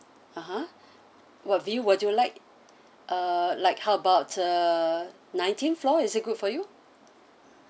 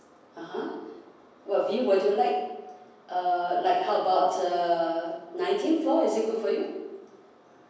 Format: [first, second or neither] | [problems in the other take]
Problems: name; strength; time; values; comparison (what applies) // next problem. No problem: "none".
first | room echo; dies away in 1.1 s